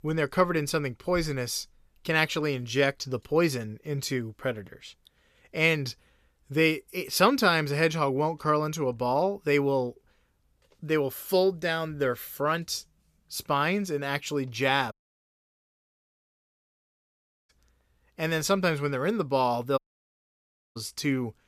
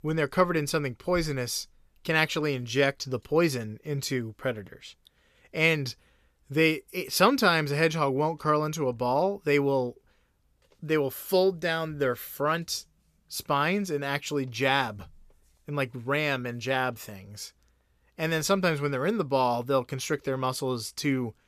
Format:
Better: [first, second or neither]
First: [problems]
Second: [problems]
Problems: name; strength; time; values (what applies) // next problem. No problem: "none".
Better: second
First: audio cutting out; at 15 s for 2.5 s and at 20 s for 1 s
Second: none